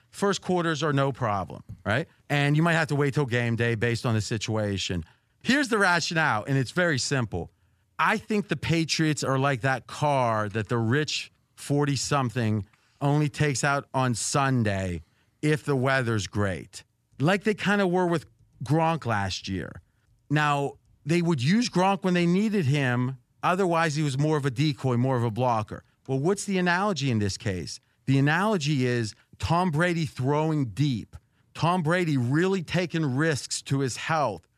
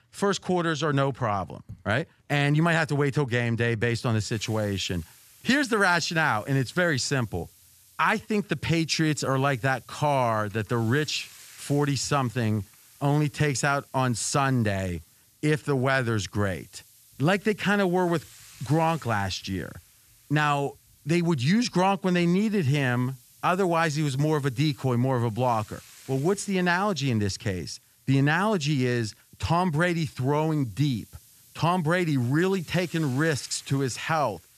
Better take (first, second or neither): first